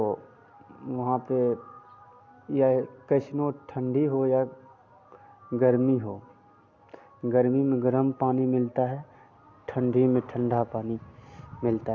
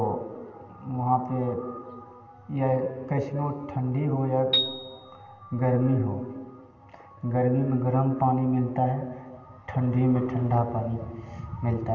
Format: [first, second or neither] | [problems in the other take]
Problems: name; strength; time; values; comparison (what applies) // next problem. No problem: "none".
first | background sound (Piano); 5 dB below the speech // room echo; dies away in 2 s